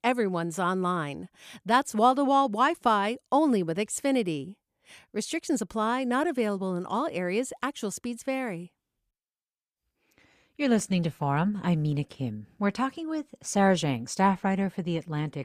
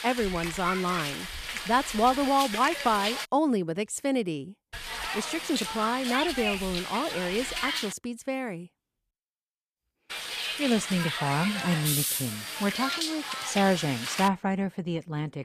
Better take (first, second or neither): first